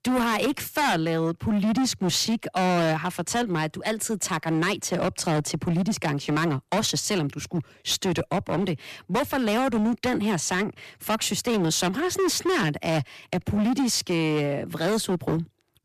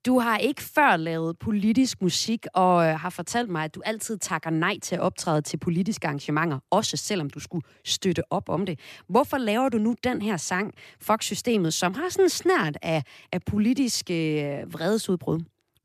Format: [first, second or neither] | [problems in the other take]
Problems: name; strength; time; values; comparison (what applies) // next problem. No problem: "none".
second | distortion; heavy; 19% of the sound clipped